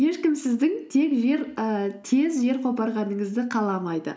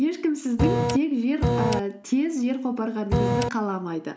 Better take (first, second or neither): first